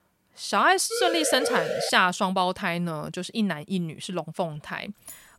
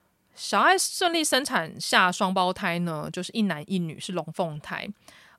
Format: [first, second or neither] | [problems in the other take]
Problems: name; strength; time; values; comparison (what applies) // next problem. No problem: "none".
second | siren; noticeable; at 1 s; peak 2 dB below the speech // jangling keys; faint; at 5 s; peak 20 dB below the speech